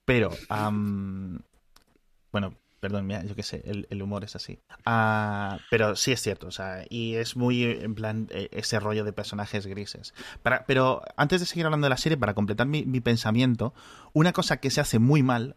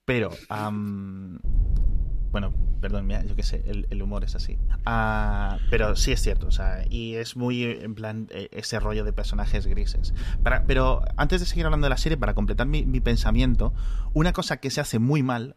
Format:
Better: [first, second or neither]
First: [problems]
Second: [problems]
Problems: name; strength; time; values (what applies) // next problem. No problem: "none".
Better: first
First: none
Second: low rumble; faint; from 1.5 to 7 s and from 9 to 14 s; 20 dB below the speech